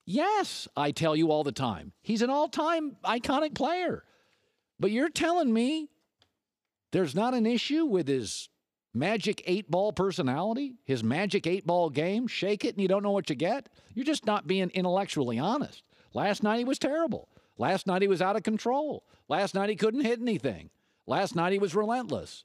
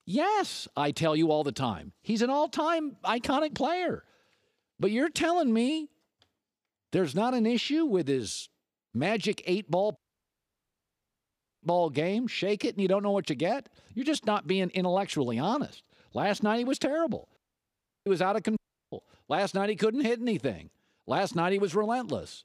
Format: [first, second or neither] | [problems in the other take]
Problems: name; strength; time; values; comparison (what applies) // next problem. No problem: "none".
first | audio cutting out; at 10 s for 1.5 s, at 17 s for 0.5 s and at 19 s